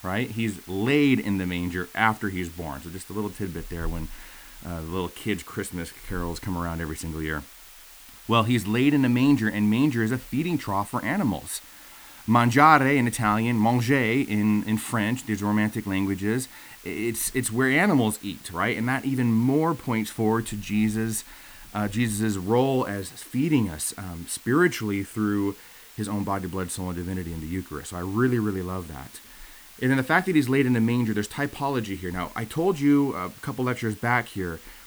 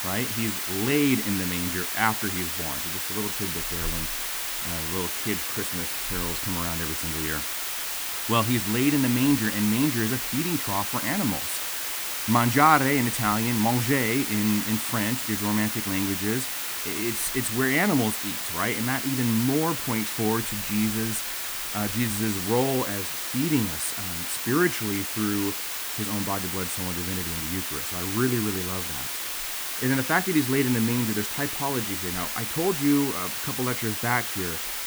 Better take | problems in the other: first | hiss; loud; throughout; 1 dB below the speech; faint in the first

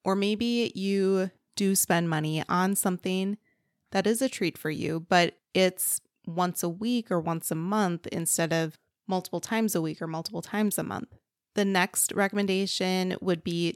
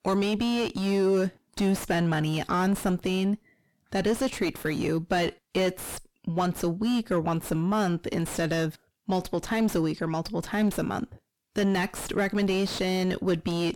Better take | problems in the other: first | distortion; heavy; 4 dB below the speech

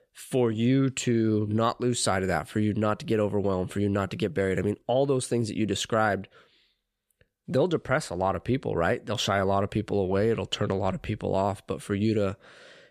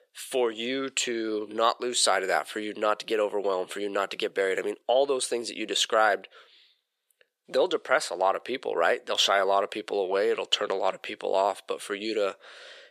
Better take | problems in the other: first | thin; very; fading below 450 Hz

